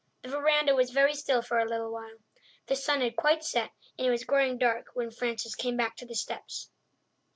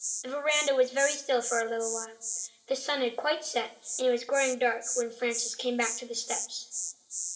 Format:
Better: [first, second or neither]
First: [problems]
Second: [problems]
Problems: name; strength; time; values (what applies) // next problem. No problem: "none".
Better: first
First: none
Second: background sound (Insect); 7 dB below the speech // room echo; dies away in 1.7 s